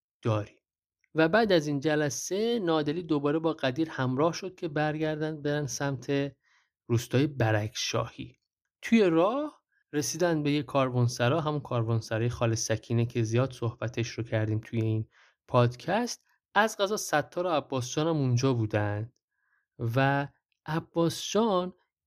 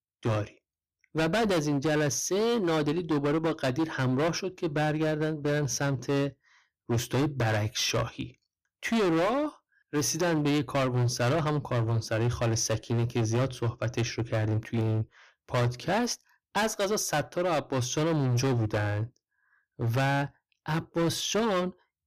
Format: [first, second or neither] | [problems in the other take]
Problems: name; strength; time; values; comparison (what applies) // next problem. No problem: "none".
first | distortion; heavy; 18% of the sound clipped